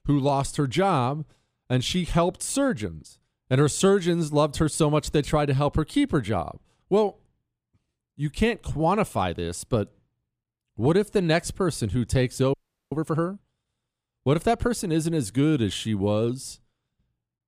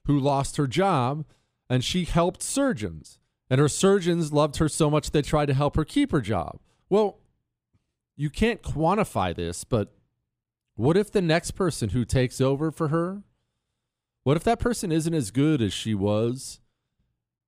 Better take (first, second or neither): second